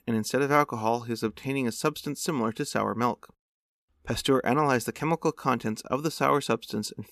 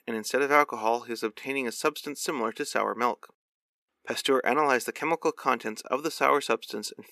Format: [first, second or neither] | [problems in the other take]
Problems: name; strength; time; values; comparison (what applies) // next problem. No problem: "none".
first | thin; somewhat; fading below 400 Hz